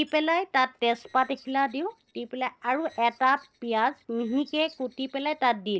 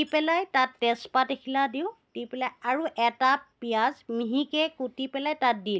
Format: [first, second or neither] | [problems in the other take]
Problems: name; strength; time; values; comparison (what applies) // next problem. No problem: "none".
second | noise reduction (neural separator model SepFormer DNS4)